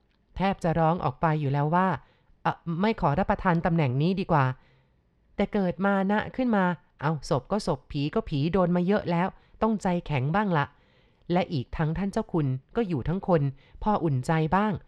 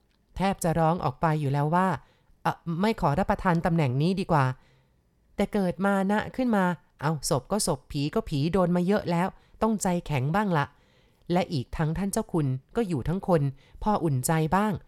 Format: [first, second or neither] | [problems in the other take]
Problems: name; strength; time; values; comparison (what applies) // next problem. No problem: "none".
second | muffled; slightly; fading above 3 kHz